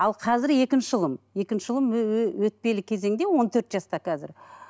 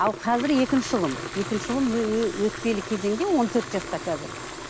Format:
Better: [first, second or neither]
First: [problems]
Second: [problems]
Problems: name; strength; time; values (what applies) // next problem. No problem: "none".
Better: first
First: none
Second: background sound (Fill (with liquid) / Water tap, faucet); 10 dB below the speech